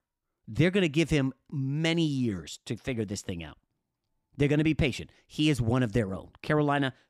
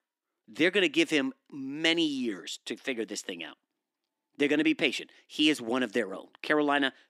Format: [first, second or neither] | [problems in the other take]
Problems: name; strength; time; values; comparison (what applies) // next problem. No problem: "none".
first | thin; very slightly; fading below 300 Hz